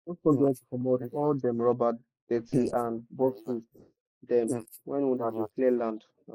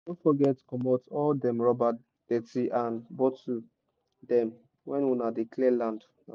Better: second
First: noise reduction (neural mask model Resemble Enhance denoiser)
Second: none

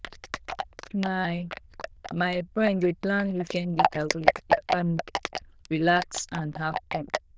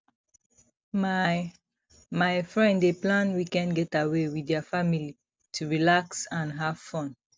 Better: second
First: noise reduction (neural diffusion model UNIVERSE++)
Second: none

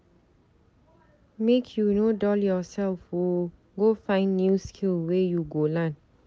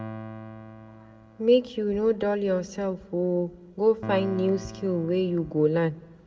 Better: first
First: none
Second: background sound (Piano); 16 dB below the speech // room echo; dies away in 0.5 s

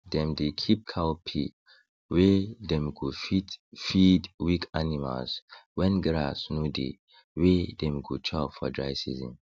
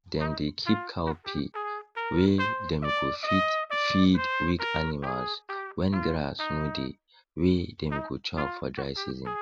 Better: first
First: none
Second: background sound (Trumpet); 4 dB below the speech

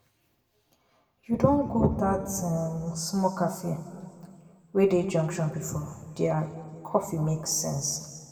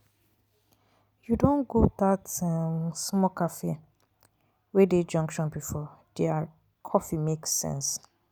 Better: second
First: room echo; dies away in 1.9 s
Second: none

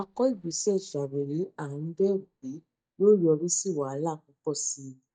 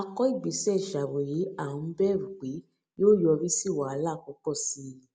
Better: second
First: noise reduction (neural mask model DeepFilterNet 3)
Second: none

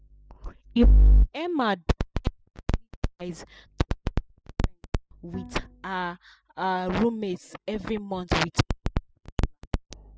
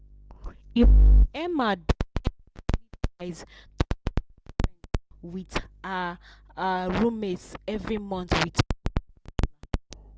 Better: second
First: noise reduction (classical method spectral subtraction)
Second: none

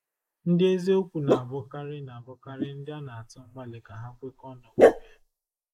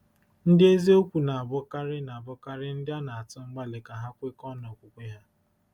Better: second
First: noise reduction (neural mask model Resemble Enhance denoiser)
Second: none

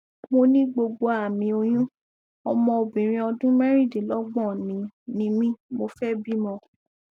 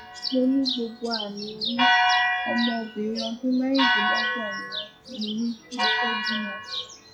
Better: first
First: none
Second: noise reduction (classical method log-MMSE)

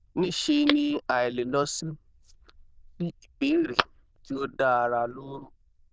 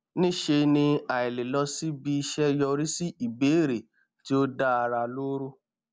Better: second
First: noise reduction (neural diffusion model UNIVERSE++)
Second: none

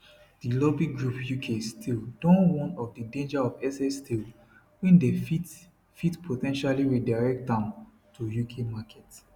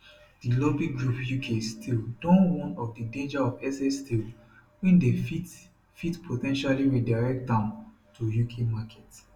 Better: first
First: none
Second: room echo; dies away in 0.2 s

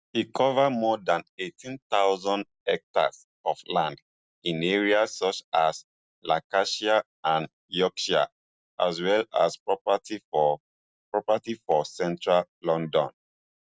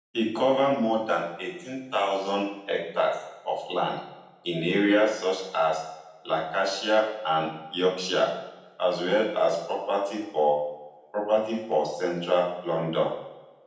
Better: first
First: none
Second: room echo; dies away in 0.9 s

